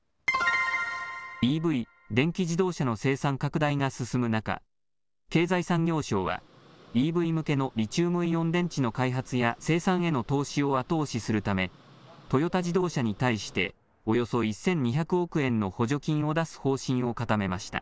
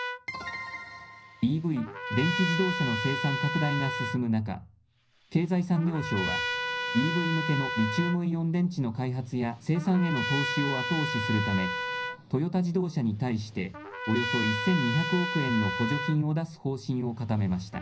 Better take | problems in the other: first | background sound (Trumpet); 6 dB below the speech // room echo; dies away in 0.5 s

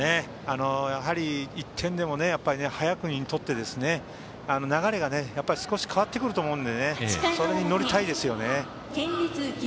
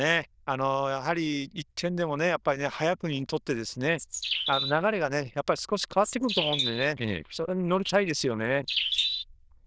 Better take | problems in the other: first | noise reduction (neural diffusion model UNIVERSE++)

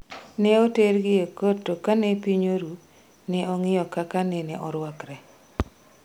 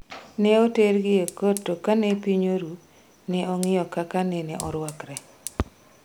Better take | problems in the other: first | background sound (Fire); 20 dB below the speech

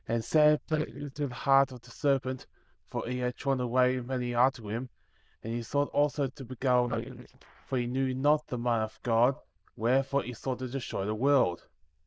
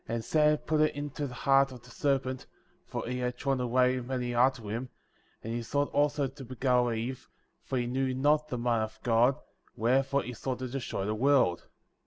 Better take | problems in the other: second | noise reduction (neural diffusion model UNIVERSE++)

